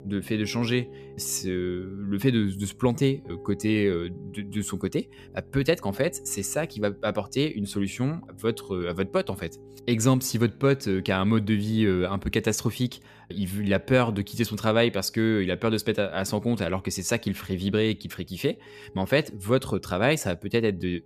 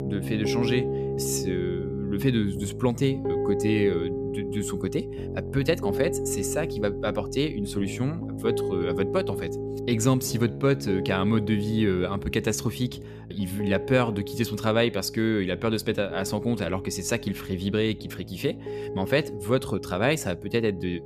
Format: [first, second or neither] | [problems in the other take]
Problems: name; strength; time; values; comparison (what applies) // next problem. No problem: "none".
first | background music; loud; throughout; 5 dB below the speech; faint in the first